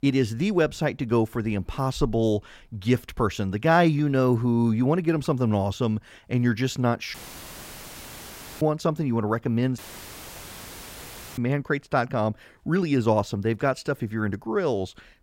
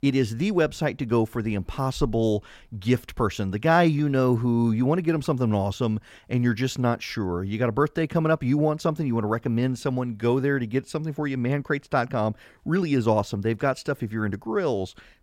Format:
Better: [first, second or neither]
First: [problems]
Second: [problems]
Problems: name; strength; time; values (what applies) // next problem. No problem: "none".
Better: second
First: audio cutting out; filled with static; at 7 s for 1.5 s and at 10 s for 1.5 s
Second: none